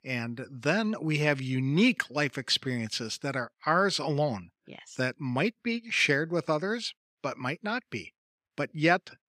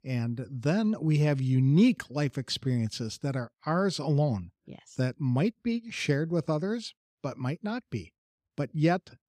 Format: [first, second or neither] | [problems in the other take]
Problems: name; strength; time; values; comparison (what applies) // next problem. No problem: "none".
second | thin; somewhat; fading below 700 Hz